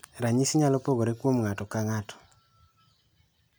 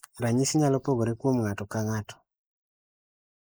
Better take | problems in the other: first | noise reduction (neural mask model Resemble Enhance denoiser)

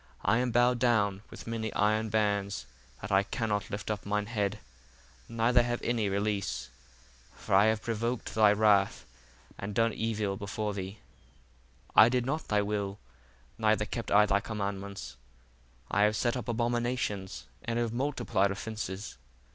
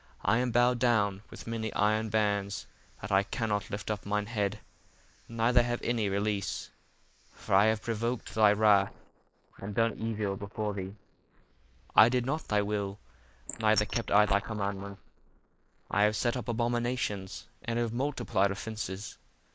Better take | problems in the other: first | noise reduction (neural mask model Resemble Enhance denoiser)

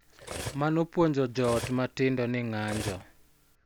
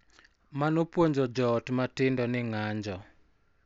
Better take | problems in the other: second | background sound (Cutlery, silverware); 12 dB below the speech

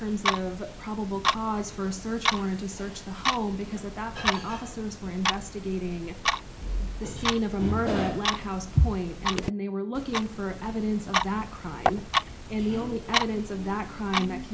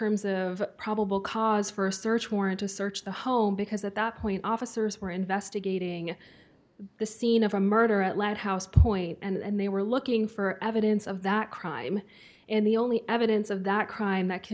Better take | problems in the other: second | background sound (Clock); 1 dB below the speech // room echo; dies away in 0.4 s

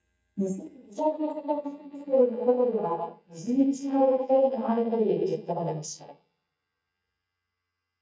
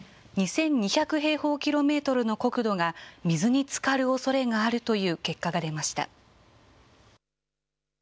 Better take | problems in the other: second | noise reduction (neural mask model DeepFilterNet 3)

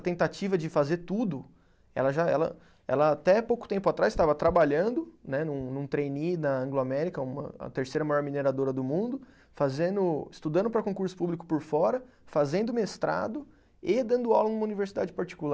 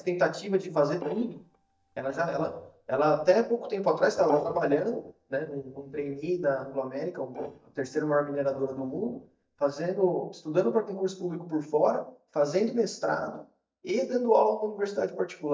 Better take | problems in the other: first | noise reduction (neural mask model DeepFilterNet 3)

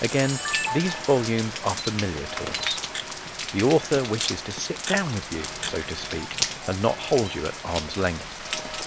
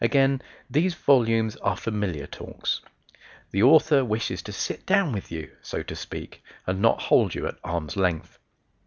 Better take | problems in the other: second | background sound (Rain + Camera); 5 dB below the speech

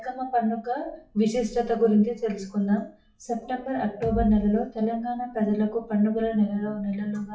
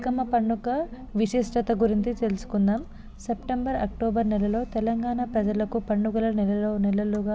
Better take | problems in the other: second | noise reduction (classical method WPE with log-MMSE)

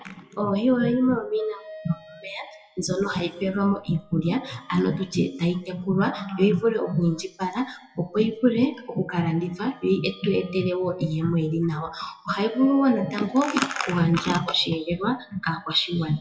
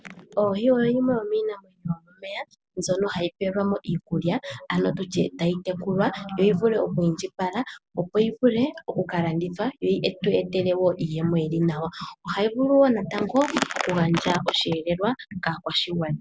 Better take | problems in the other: second | noise reduction (classical method WPE with log-MMSE)

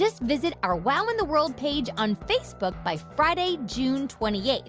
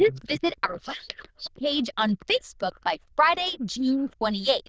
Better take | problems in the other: first | noise reduction (neural diffusion model UNIVERSE++)

